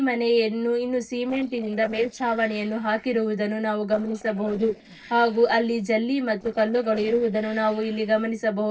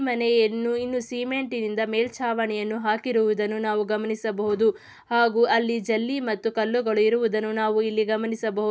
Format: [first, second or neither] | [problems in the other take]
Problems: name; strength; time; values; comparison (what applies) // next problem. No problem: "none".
second | noise reduction (neural separator model SepFormer DNS4)